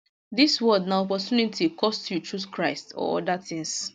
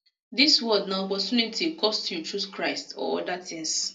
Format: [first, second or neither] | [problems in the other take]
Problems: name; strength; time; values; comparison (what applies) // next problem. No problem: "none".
first | room echo; dies away in 0.2 s